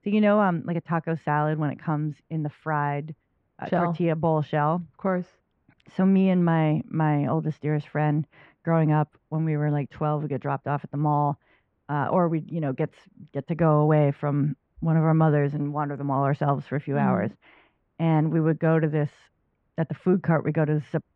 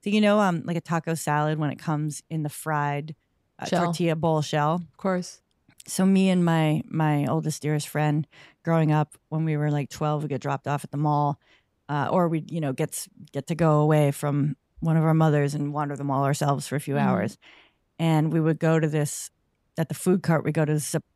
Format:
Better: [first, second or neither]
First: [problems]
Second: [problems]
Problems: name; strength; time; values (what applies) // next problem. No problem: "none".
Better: second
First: muffled; very; fading above 2 kHz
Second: none